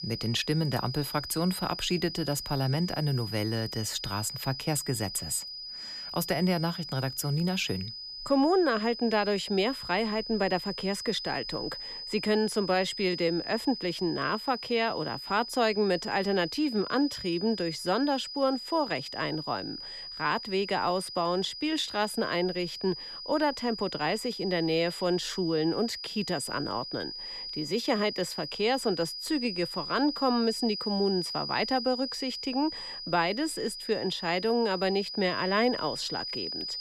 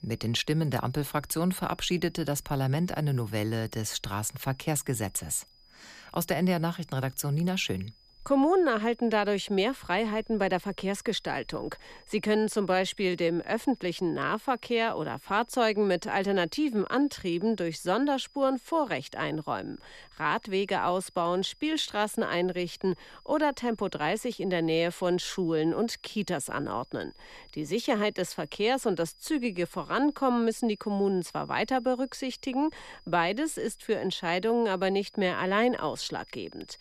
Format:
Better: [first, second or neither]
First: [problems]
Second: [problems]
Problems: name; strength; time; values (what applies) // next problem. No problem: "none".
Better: second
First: high-pitched whine; loud; throughout; 5 kHz, 7 dB below the speech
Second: high-pitched whine; faint; throughout; 5 kHz, 30 dB below the speech